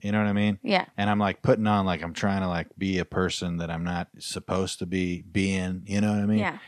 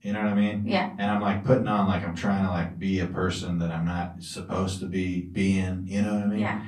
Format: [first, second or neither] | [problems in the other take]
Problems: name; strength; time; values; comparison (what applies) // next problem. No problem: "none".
first | off-mic speech; far // room echo; very slight; dies away in 0.5 s